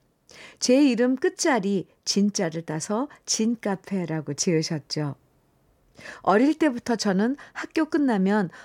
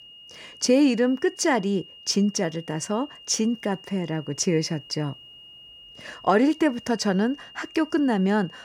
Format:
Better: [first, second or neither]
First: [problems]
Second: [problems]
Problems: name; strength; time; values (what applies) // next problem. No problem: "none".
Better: first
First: none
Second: high-pitched whine; noticeable; throughout; 3 kHz, 20 dB below the speech